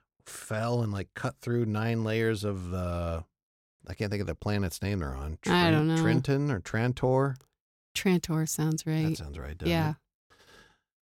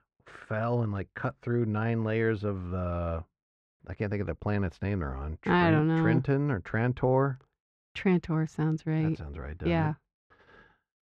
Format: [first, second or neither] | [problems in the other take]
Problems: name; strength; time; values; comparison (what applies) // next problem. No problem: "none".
first | muffled; very; fading above 2 kHz